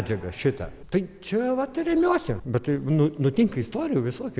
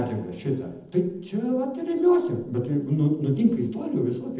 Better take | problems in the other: first | room echo; dies away in 0.8 s

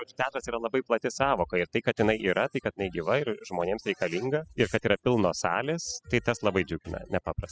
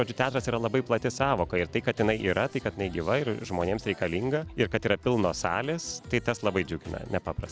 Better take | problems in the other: second | noise reduction (classical method spectral subtraction)

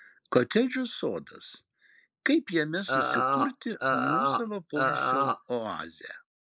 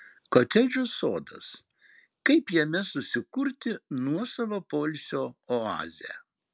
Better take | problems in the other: second | noise reduction (neural mask model Resemble Enhance denoiser)

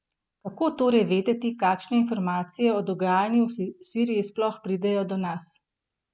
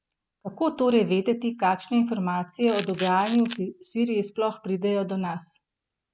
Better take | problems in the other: first | background sound (Camera); 13 dB below the speech

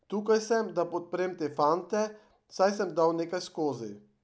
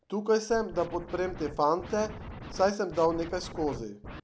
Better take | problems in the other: first | background sound (Scratching (performance technique)); 13 dB below the speech

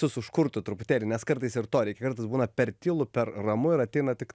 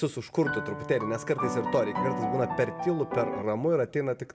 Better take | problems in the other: first | background sound (Piano); 4 dB below the speech // room echo; dies away in 0.5 s

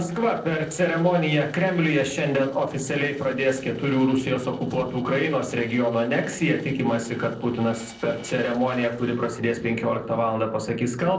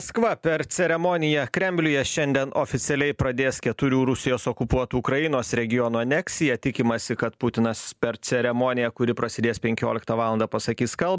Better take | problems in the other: second | noise reduction (neural separator model SepFormer DNS4)

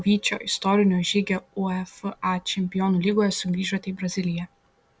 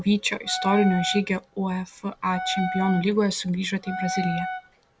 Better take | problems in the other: first | background sound (Wind instrument, woodwind instrument); 7 dB below the speech

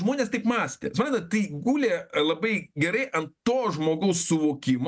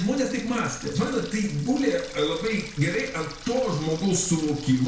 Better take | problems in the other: first | background sound (Water tap, faucet); 16 dB below the speech // room echo; dies away in 0.5 s

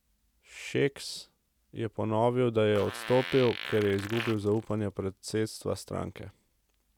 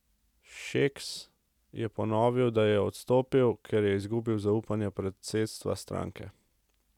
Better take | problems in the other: second | background sound (Fart); 11 dB below the speech

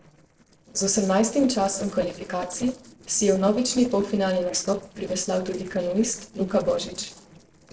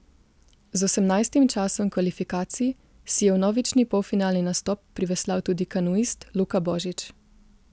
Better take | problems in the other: second | noise reduction (neural separator model SepFormer DNS4)

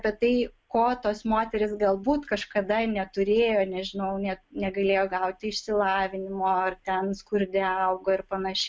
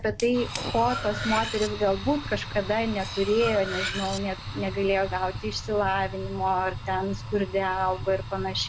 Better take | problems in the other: first | background sound (Cutlery, silverware + Fire); 8 dB below the speech

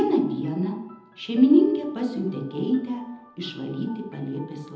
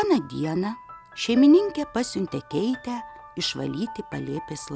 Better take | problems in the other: second | room echo; dies away in 0.8 s

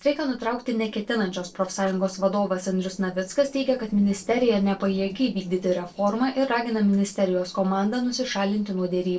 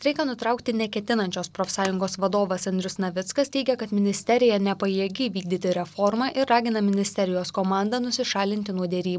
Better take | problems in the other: second | noise reduction (neural separator model SepFormer DNS4)

